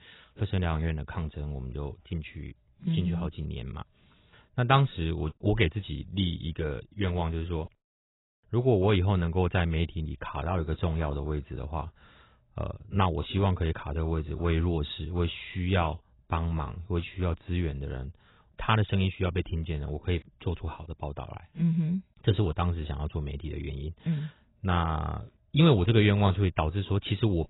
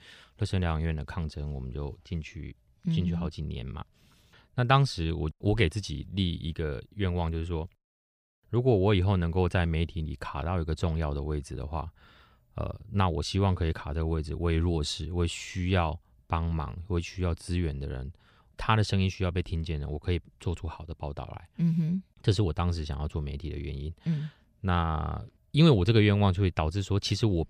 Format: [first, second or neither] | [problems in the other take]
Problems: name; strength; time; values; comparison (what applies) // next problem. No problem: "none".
second | garbled, watery; badly; nothing above 4 kHz